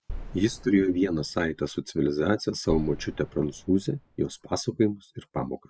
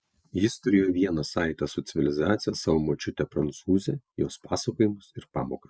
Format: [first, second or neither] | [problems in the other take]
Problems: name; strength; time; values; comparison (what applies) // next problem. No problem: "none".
second | background sound (Boom); 14 dB below the speech